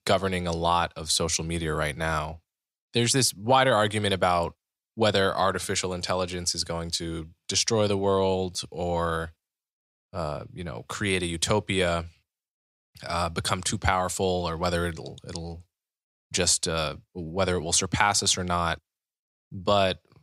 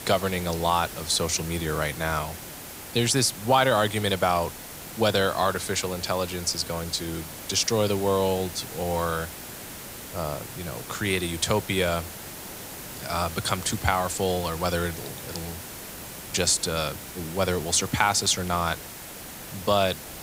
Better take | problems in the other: first | hiss; noticeable; throughout; 10 dB below the speech

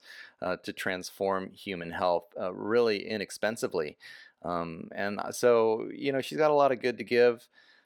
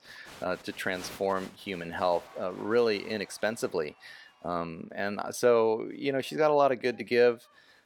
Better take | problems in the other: first | crowd noise; faint; throughout; 20 dB below the speech

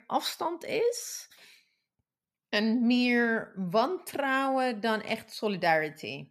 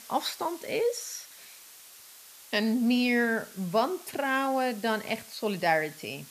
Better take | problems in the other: first | hiss; noticeable; throughout; 20 dB below the speech

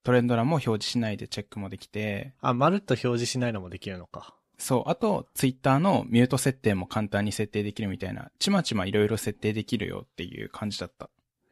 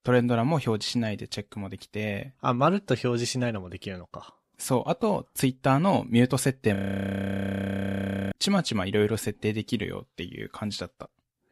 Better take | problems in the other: first | audio freezing; at 7 s for 1.5 s

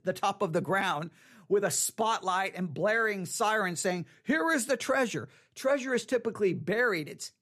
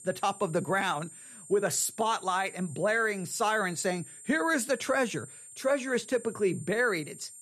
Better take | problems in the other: first | high-pitched whine; noticeable; throughout; 8.5 kHz, 15 dB below the speech

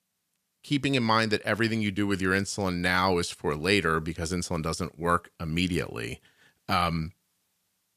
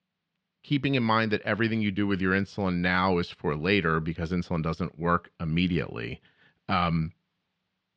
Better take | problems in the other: first | muffled; slightly; fading above 4 kHz

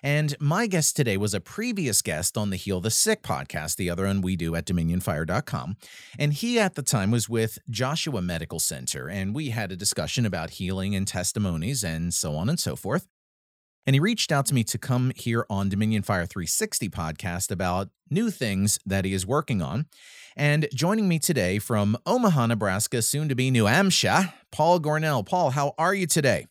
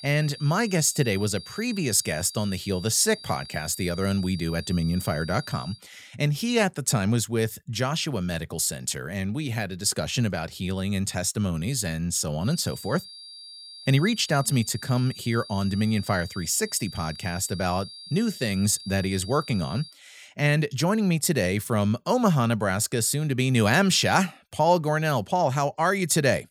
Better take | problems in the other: first | high-pitched whine; noticeable; until 6 s and from 12 to 20 s; 4.5 kHz, 15 dB below the speech

